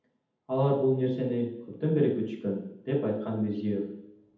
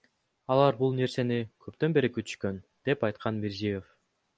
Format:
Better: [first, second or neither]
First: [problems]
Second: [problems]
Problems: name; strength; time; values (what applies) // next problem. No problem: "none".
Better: second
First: room echo; dies away in 0.8 s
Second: none